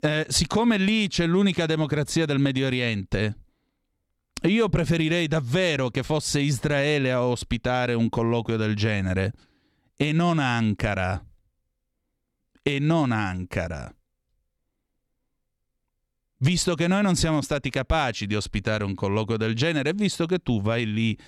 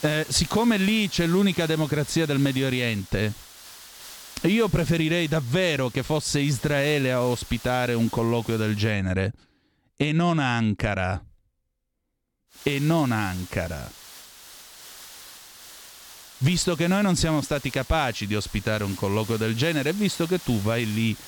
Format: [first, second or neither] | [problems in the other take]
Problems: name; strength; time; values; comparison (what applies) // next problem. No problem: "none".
first | hiss; noticeable; until 9 s and from 13 s on; 15 dB below the speech